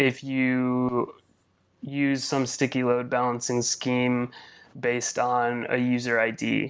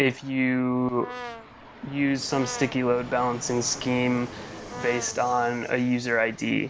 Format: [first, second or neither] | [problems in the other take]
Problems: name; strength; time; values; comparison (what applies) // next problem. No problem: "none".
first | background sound (Brass instrument + Fixed-wing aircraft, airplane); 14 dB below the speech